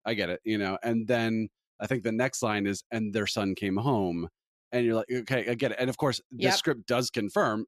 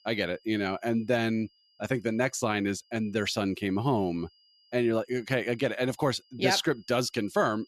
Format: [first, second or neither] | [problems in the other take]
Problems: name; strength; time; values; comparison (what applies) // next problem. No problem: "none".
first | high-pitched whine; faint; throughout; 5 kHz, 35 dB below the speech